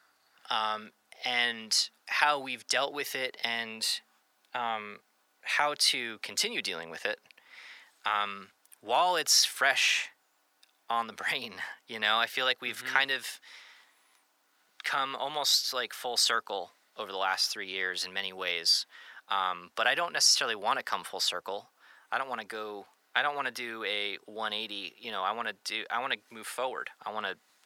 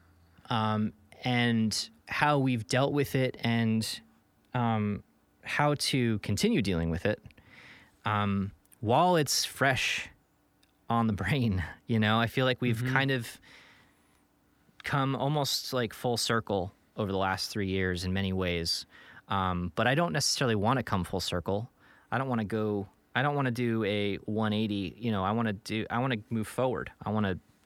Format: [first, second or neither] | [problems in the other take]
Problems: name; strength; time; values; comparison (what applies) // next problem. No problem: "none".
second | thin; very; fading below 750 Hz